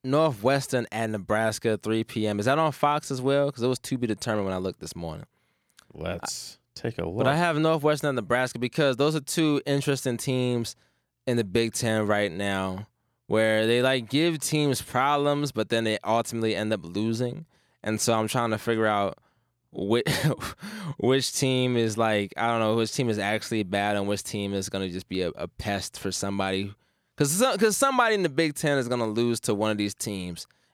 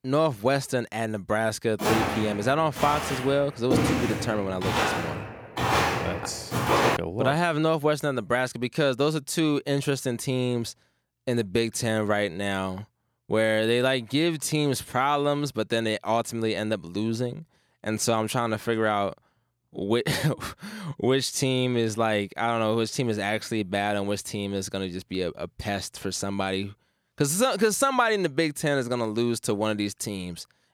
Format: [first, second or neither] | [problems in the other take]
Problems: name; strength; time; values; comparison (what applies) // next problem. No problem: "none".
first | footsteps; loud; from 2 to 7 s; peak 4 dB above the speech